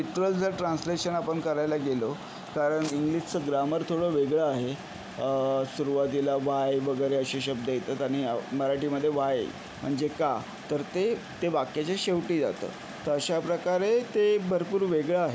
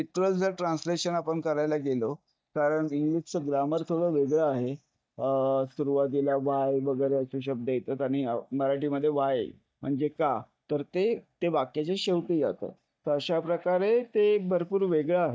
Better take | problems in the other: first | noise reduction (neural mask model DeepFilterNet 3)

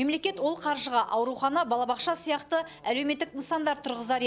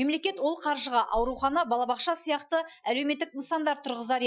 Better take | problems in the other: first | noise reduction (classical method Wiener filter)

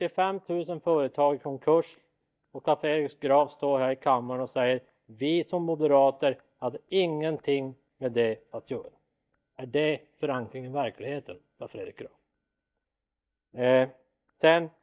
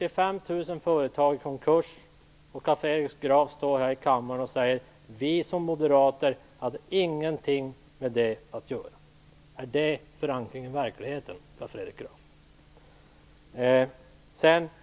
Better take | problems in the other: second | noise reduction (neural mask model DeepFilterNet 3)

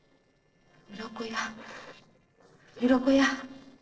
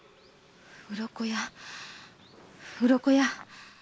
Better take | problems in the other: second | noise reduction (neural separator model SepFormer DNS4)

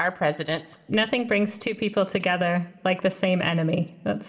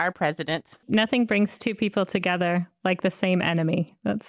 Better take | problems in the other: second | room echo; dies away in 1.1 s

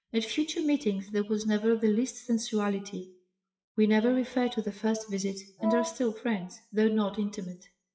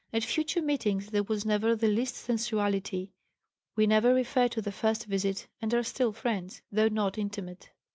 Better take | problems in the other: second | noise reduction (classical method WPE with log-MMSE)

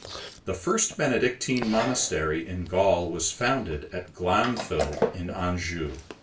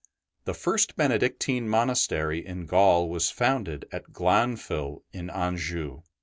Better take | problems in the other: second | background sound (Chewing, mastication); 10 dB below the speech // room echo; dies away in 0.3 s

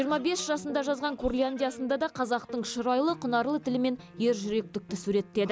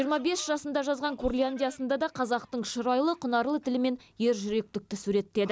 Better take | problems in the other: second | background sound (Piano); 17 dB below the speech

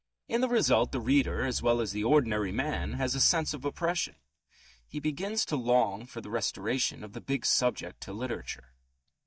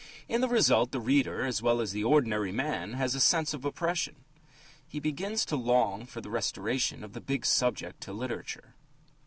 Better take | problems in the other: second | noise reduction (neural mask model DeepFilterNet 3)

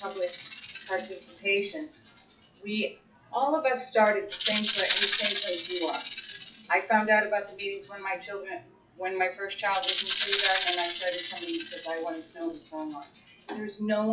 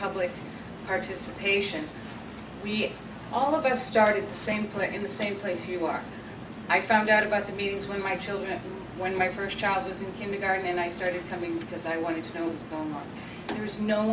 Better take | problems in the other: second | noise reduction (classical method log-MMSE)

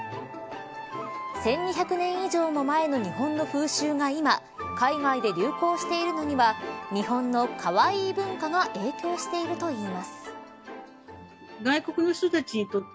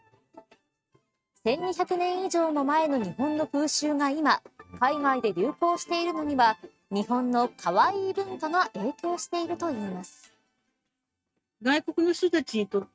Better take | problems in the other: first | noise reduction (neural mask model RNNoise)

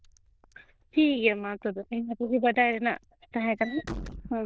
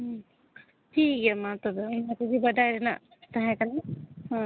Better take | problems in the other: second | noise reduction (neural diffusion model UNIVERSE++)

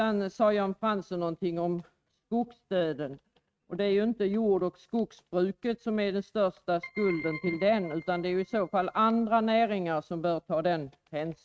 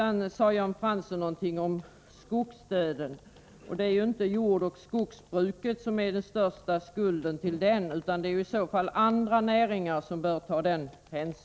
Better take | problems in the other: second | noise reduction (neural mask model RNNoise)

